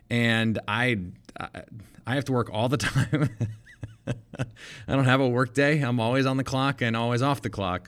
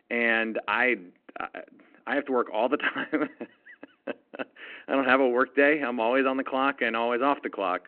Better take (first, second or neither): first